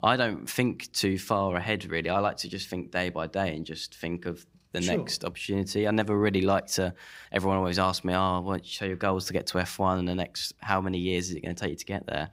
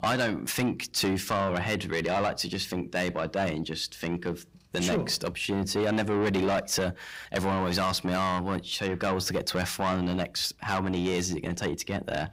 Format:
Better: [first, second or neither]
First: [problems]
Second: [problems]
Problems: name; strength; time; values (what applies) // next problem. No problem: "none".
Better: first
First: none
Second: distortion; heavy; 6 dB below the speech